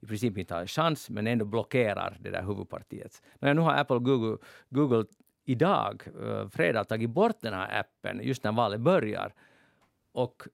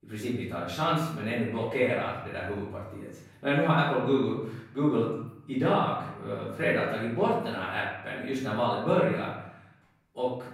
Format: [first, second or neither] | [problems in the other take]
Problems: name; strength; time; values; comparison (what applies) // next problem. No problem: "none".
first | off-mic speech; far // room echo; noticeable; dies away in 0.8 s